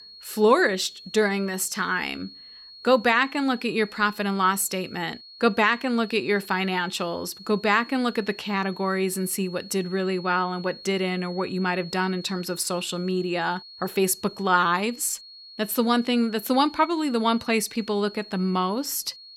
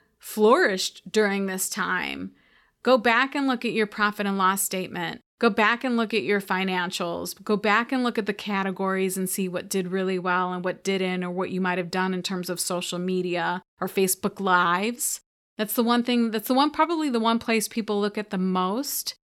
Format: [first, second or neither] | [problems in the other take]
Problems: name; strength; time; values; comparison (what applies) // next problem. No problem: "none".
second | high-pitched whine; noticeable; throughout; 4.5 kHz, 20 dB below the speech